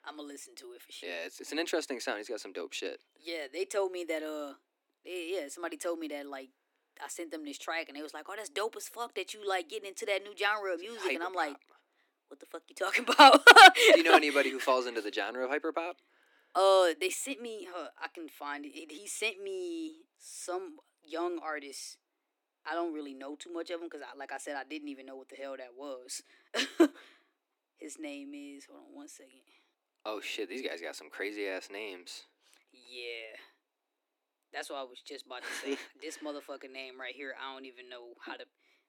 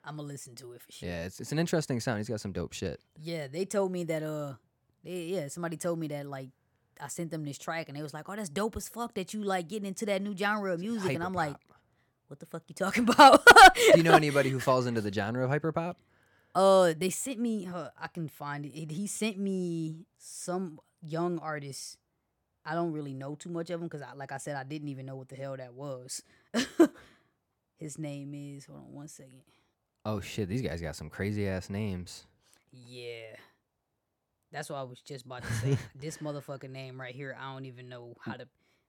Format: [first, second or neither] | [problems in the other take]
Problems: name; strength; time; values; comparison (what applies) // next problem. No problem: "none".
second | thin; somewhat; fading below 250 Hz